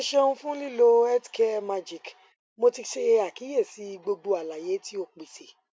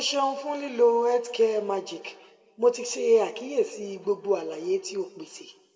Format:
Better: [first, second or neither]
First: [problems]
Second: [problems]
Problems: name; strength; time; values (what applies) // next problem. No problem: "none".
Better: first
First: none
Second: room echo; dies away in 1 s